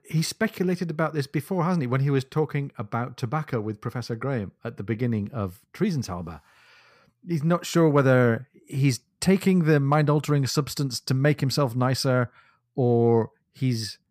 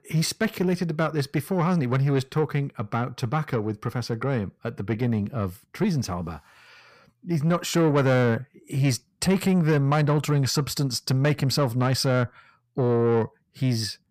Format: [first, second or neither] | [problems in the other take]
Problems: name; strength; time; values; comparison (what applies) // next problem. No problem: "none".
first | distortion; slight; 10 dB below the speech